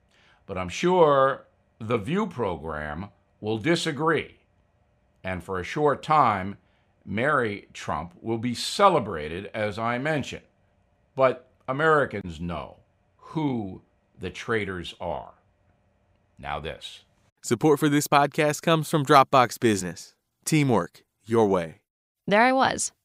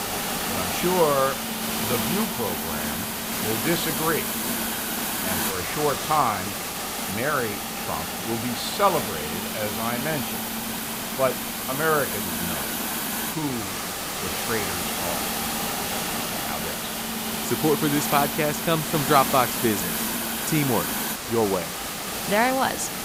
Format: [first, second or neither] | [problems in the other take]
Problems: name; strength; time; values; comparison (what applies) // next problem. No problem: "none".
first | hiss; loud; throughout; as loud as the speech